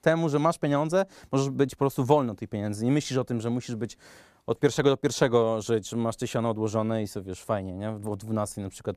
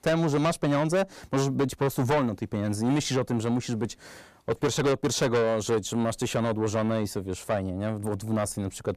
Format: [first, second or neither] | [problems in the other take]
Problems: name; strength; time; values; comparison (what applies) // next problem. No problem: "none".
first | distortion; heavy; 7 dB below the speech